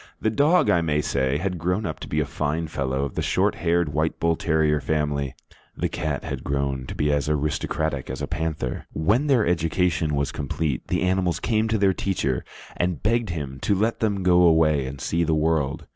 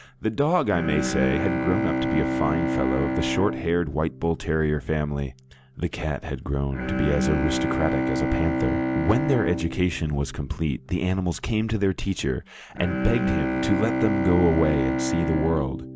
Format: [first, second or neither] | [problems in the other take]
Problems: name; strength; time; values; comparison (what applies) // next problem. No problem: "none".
first | background sound (Bowed string instrument); 3 dB below the speech